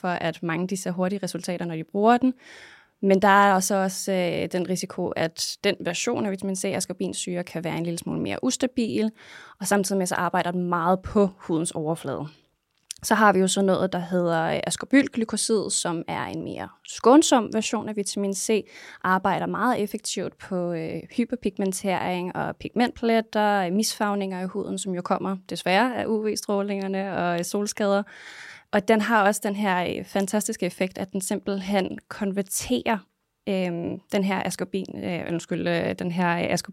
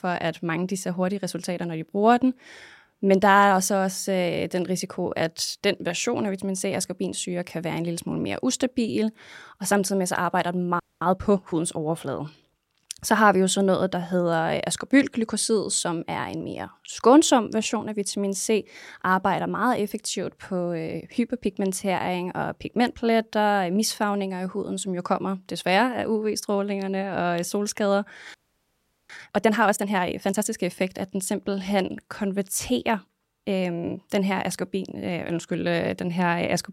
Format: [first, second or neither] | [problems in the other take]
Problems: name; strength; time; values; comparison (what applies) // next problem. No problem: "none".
first | audio freezing; at 11 s and at 28 s for 1 s